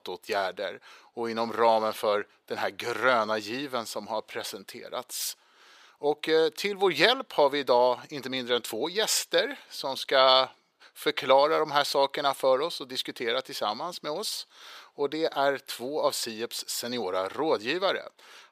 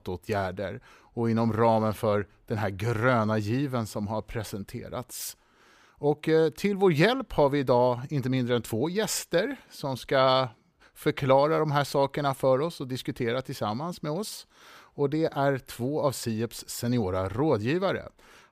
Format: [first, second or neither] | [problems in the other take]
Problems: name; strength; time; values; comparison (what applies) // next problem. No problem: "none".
second | thin; somewhat; fading below 450 Hz